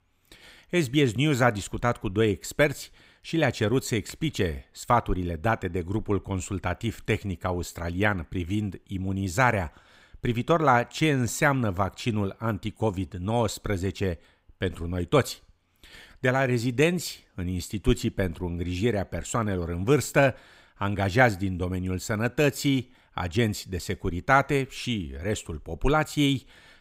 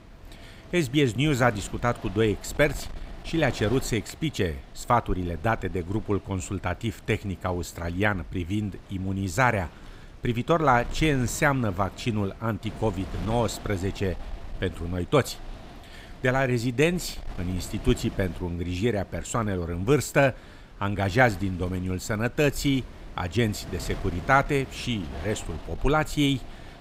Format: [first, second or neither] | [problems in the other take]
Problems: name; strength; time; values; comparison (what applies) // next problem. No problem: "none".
first | wind noise on the microphone; occasional gusts; 20 dB below the speech